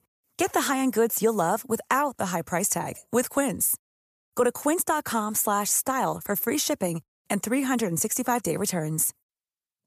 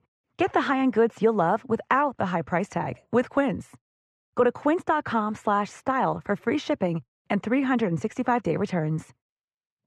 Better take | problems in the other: first | muffled; very; fading above 3 kHz

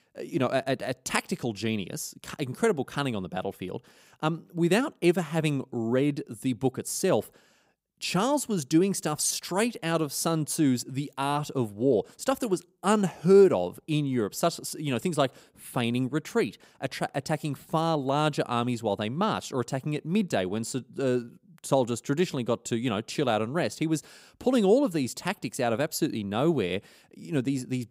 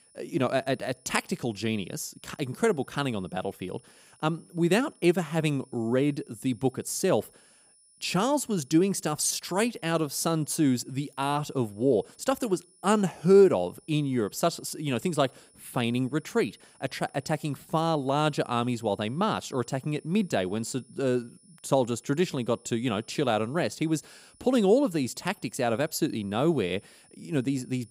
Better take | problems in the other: first | high-pitched whine; faint; throughout; 10 kHz, 30 dB below the speech

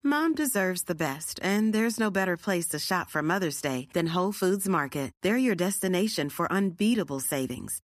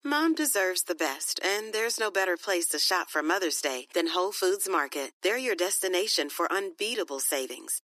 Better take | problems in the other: first | thin; very; fading below 300 Hz

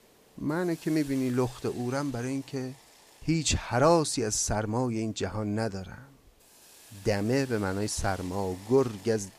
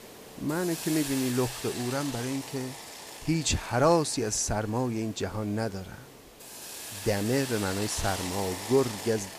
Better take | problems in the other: first | hiss; loud; throughout; 8 dB below the speech; faint in the first

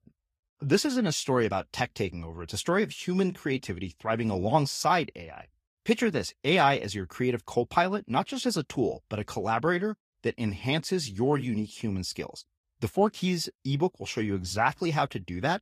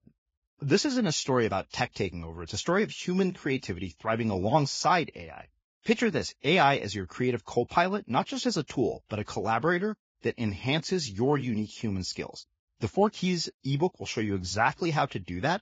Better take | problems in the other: first | garbled, watery; badly; nothing above 7.5 kHz; slightly in the first

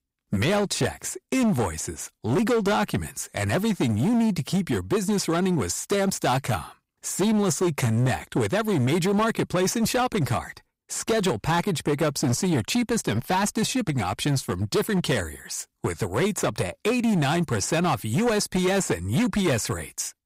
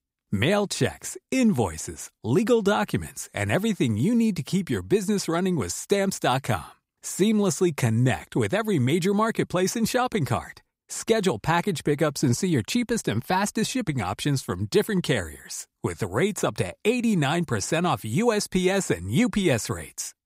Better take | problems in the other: second | distortion; slight; 14% of the sound clipped

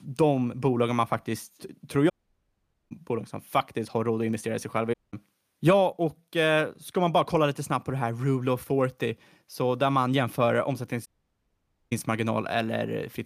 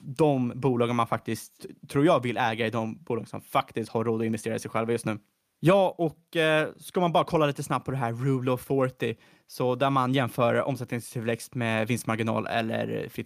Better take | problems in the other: second | audio cutting out; at 2 s for 1 s, at 5 s and at 11 s for 1 s

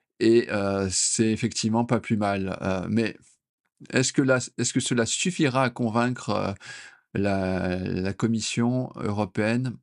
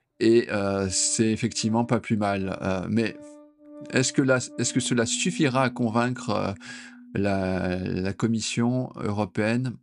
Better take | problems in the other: first | background music; noticeable; throughout; 20 dB below the speech

